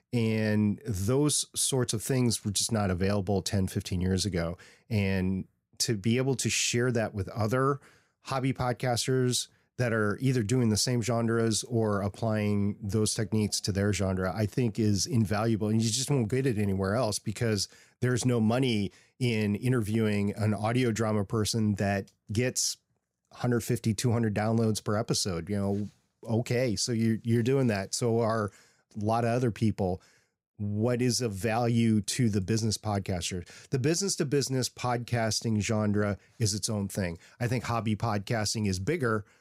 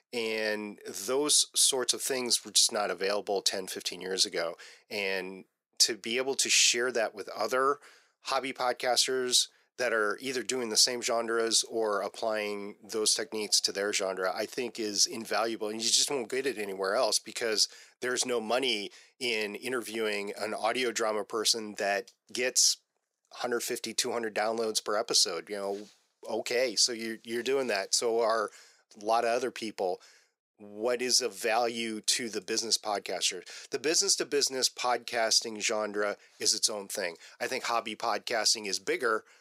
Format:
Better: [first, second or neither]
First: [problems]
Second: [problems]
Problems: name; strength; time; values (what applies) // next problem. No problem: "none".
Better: first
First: none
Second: thin; very; fading below 400 Hz